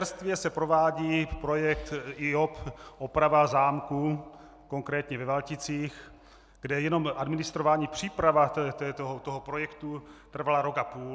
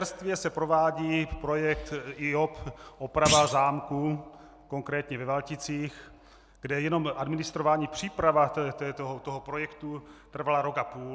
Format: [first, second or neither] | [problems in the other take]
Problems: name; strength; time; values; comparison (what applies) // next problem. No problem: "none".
first | background sound (Thump, thud); 4 dB below the speech